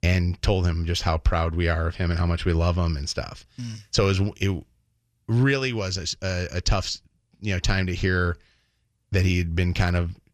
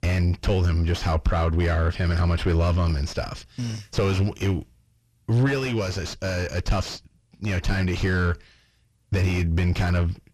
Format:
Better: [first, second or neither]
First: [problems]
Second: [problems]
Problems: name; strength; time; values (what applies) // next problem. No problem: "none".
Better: first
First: none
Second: distortion; heavy; 5 dB below the speech